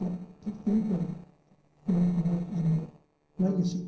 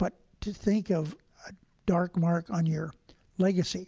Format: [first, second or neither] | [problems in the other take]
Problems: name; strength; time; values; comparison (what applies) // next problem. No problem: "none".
second | noise reduction (neural separator model SepFormer DNS4)